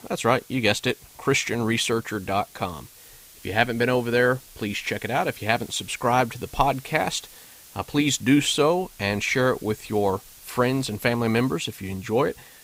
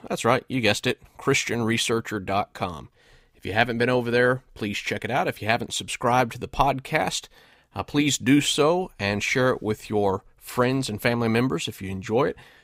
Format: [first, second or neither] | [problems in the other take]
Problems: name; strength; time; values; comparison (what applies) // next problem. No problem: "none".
second | hiss; faint; throughout; 20 dB below the speech